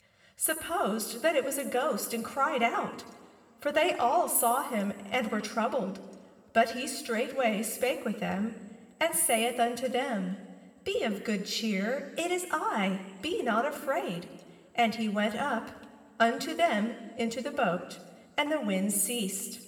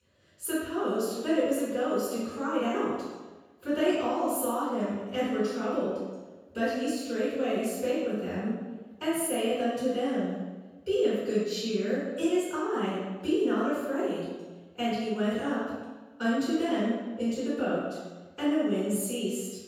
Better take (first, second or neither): first